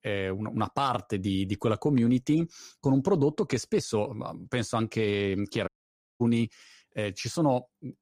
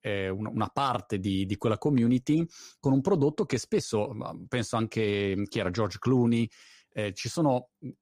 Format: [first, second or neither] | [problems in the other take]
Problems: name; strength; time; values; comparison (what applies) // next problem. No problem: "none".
second | audio cutting out; at 5.5 s for 0.5 s